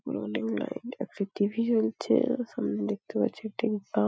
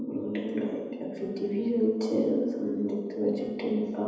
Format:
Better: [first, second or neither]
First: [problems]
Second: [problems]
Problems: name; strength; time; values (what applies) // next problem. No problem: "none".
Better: first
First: none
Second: background sound (Piano); 15 dB below the speech // room echo; dies away in 1.1 s